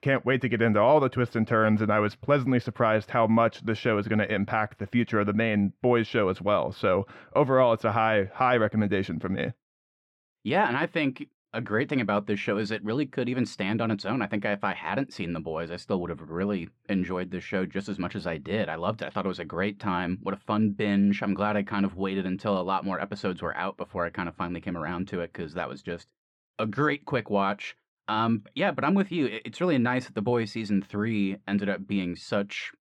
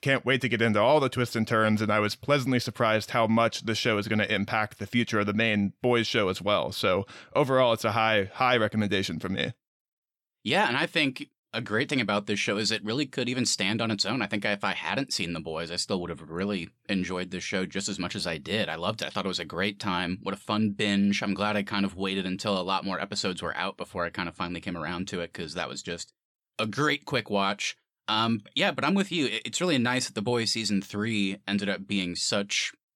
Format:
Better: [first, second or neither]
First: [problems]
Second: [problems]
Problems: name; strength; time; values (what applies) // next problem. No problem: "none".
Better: second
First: muffled; very; fading above 3 kHz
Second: none